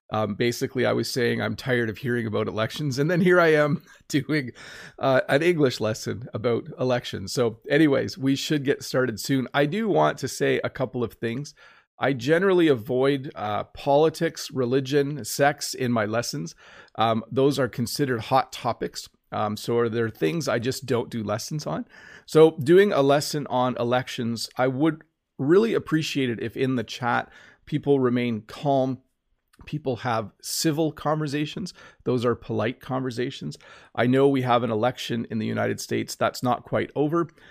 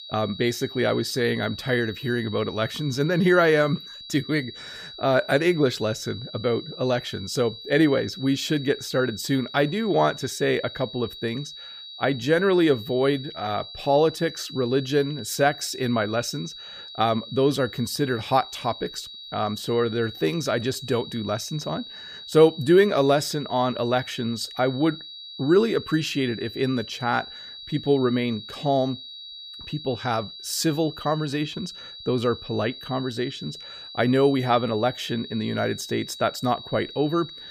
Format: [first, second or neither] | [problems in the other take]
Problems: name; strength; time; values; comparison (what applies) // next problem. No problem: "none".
first | high-pitched whine; noticeable; throughout; 4 kHz, 15 dB below the speech